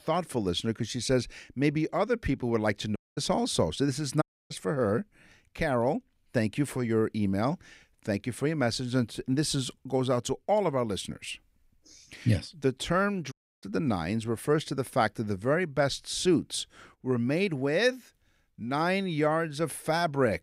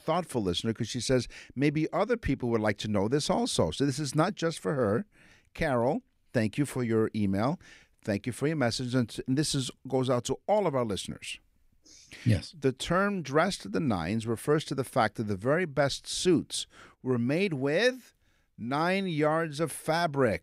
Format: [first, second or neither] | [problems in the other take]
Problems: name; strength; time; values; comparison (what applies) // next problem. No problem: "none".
second | audio cutting out; at 3 s, at 4 s and at 13 s